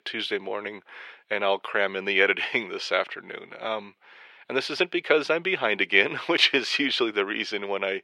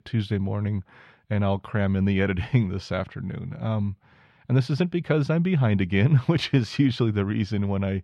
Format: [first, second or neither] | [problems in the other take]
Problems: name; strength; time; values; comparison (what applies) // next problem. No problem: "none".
second | thin; very; fading below 400 Hz